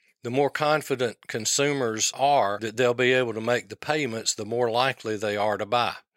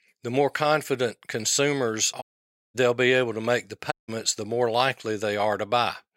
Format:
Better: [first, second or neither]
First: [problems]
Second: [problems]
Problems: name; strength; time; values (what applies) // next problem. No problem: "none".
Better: first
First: none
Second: audio cutting out; at 2 s for 0.5 s and at 4 s